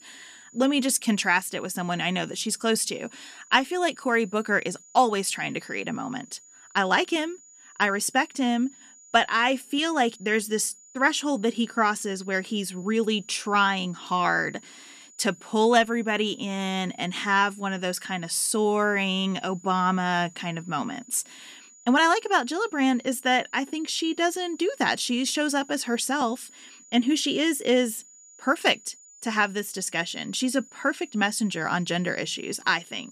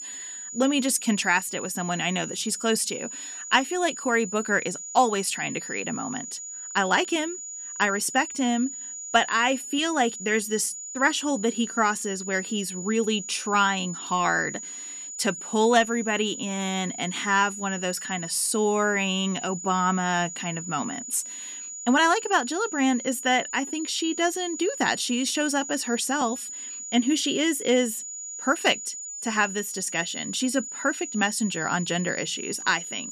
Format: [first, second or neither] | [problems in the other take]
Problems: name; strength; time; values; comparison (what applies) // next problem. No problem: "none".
first | high-pitched whine; loud; throughout; 7 kHz, 9 dB below the speech; faint in the first